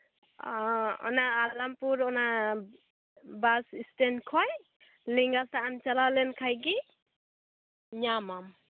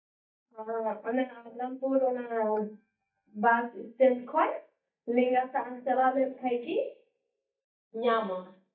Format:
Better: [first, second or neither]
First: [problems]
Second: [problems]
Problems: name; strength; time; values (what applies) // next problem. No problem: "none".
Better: first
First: none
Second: noise reduction (neural mask model DeepFilterNet 3)